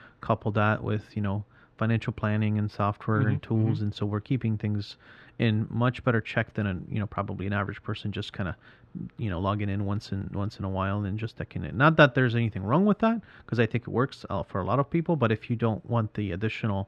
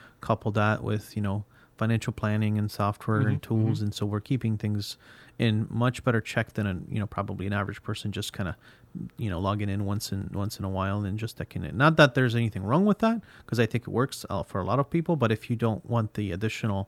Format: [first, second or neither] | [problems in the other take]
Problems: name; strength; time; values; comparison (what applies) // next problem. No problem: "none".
second | muffled; slightly; fading above 3 kHz